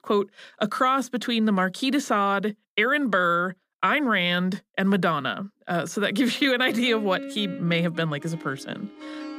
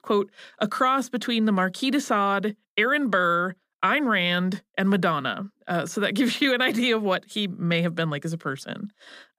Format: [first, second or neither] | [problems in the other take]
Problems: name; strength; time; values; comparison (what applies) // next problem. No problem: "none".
second | background music; noticeable; from 6.5 s on; 15 dB below the speech